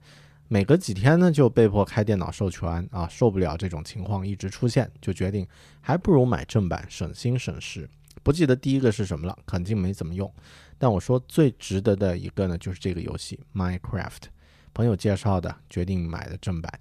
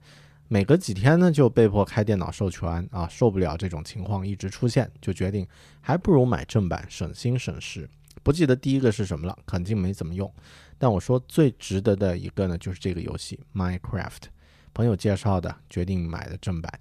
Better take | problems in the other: neither | none

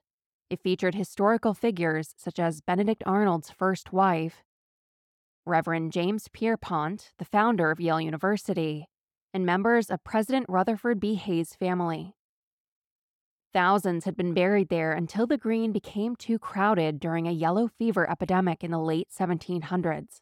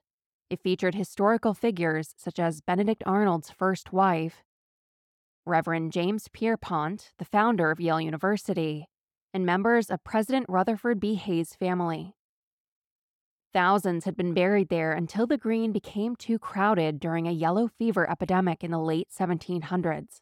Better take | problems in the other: neither | none

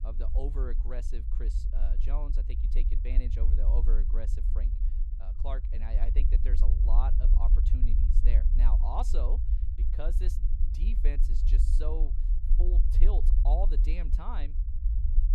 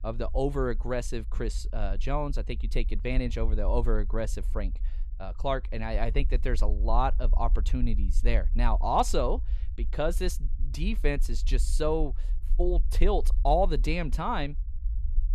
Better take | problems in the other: second | low rumble; loud; throughout; 7 dB below the speech; faint in the second

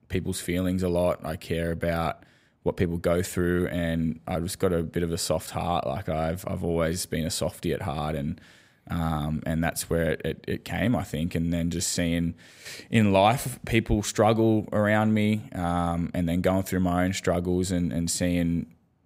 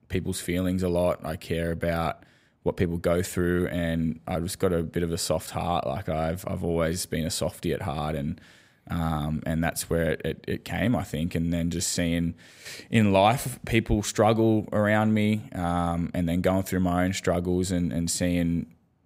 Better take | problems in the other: neither | none

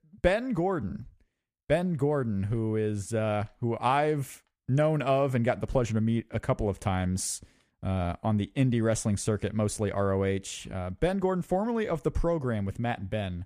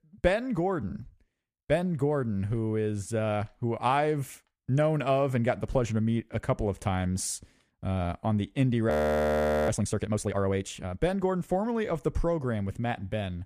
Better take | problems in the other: first | audio freezing; at 9 s for 1 s

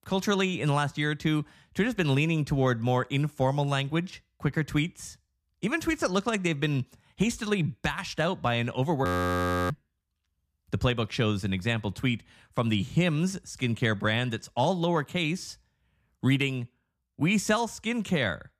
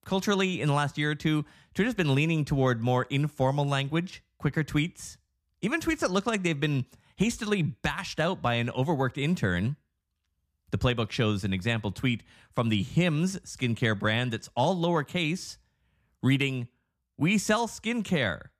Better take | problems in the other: second | audio freezing; at 9 s for 0.5 s

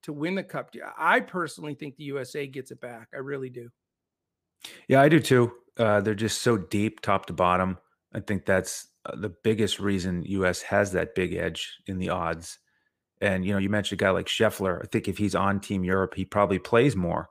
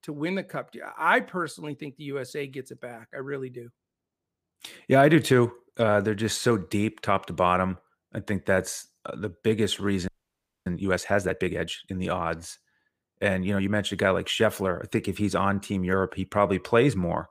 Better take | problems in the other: first | audio freezing; at 10 s for 0.5 s

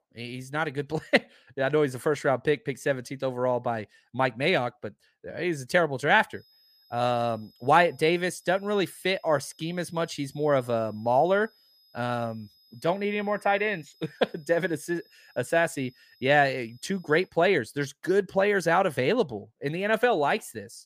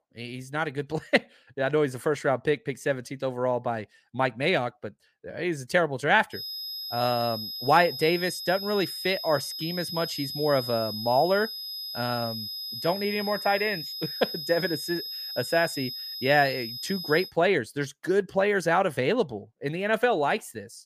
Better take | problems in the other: first | high-pitched whine; loud; from 6.5 to 17 s; 5 kHz, 6 dB below the speech; faint in the first

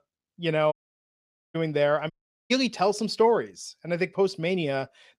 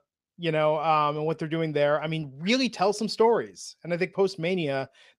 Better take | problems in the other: second | audio cutting out; at 0.5 s for 1 s and at 2 s

